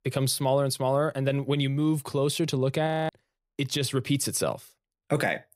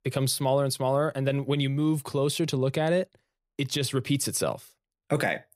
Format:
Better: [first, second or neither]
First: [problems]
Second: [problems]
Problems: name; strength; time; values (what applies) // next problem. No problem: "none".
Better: second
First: audio freezing; at 3 s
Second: none